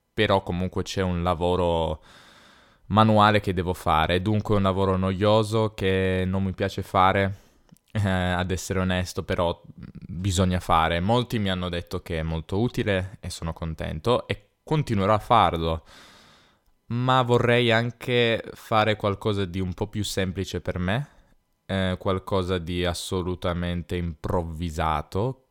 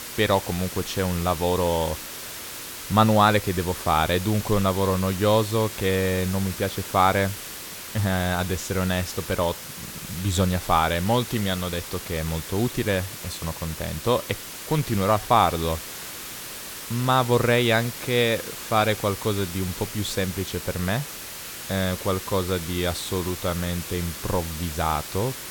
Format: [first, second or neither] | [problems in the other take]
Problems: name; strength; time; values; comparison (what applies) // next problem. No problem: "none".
first | hiss; loud; throughout; 9 dB below the speech